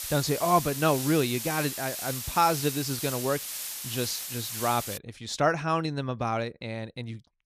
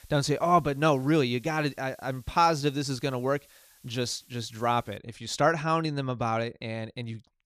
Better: second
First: hiss; loud; until 5 s; 5 dB below the speech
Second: hiss; faint; until 5 s; 30 dB below the speech

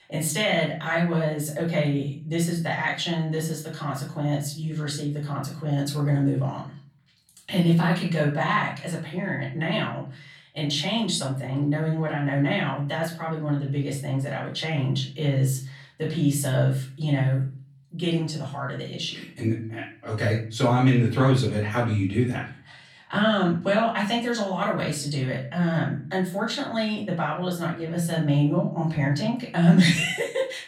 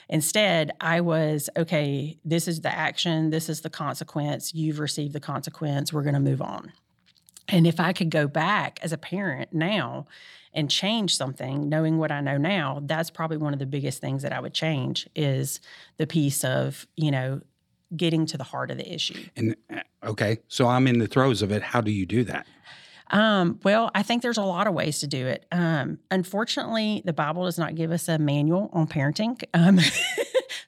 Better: second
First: off-mic speech; far // room echo; slight; dies away in 0.4 s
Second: none

